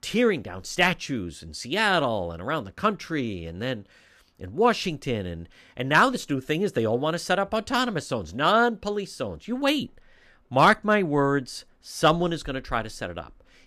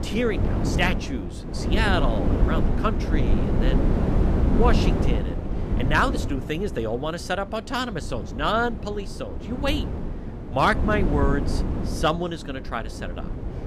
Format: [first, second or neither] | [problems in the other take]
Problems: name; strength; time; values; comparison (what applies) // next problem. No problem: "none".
first | wind noise on the microphone; heavy; 7 dB below the speech